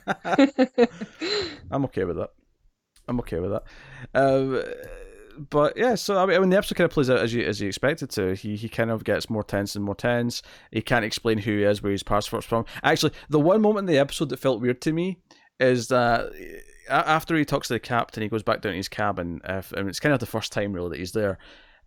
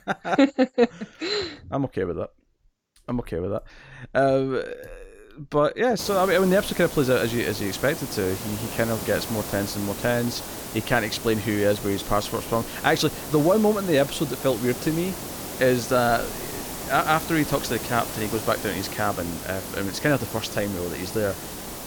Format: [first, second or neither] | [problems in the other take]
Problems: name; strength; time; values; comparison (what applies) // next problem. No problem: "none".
first | hiss; loud; from 6 s on; 8 dB below the speech